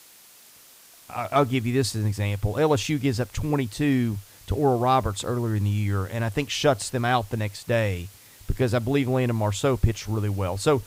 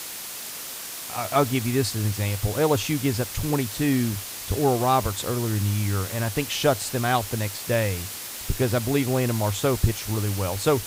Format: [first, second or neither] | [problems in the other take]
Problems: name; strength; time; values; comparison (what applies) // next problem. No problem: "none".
first | hiss; loud; throughout; 7 dB below the speech; faint in the first